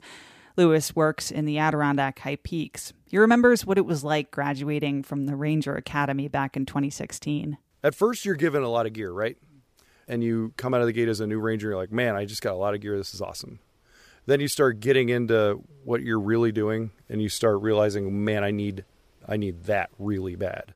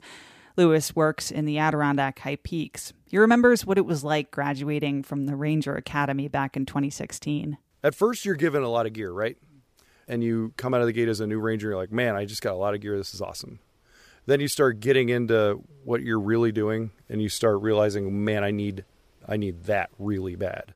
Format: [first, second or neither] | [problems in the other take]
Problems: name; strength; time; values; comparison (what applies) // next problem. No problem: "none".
neither | none